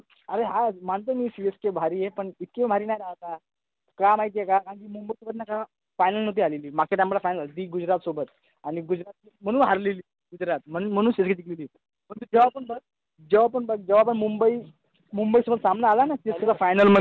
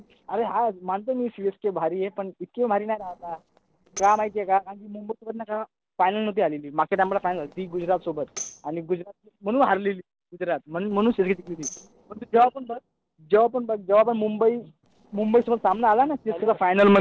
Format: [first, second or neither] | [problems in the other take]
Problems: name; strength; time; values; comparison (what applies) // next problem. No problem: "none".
first | noise reduction (neural separator model SepFormer DNS4)